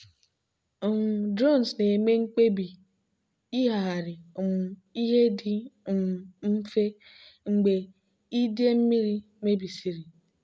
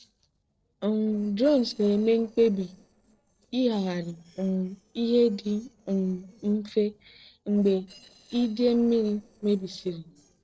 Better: first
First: none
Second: noise reduction (neural separator model SepFormer DNS4)

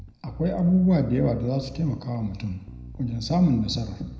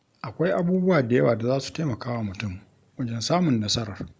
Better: second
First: background sound (Bass guitar); 15 dB below the speech // room echo; dies away in 0.7 s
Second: none

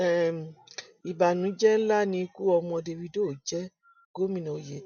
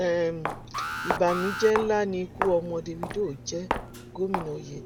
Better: first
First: none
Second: background sound (Alarm + Walk, footsteps); 6 dB below the speech

